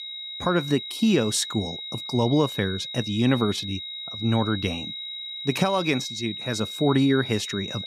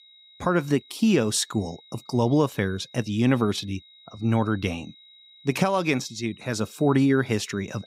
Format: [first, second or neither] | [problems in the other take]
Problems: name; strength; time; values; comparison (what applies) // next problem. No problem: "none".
second | high-pitched whine; loud; throughout; 4 kHz, 7 dB below the speech; faint in the second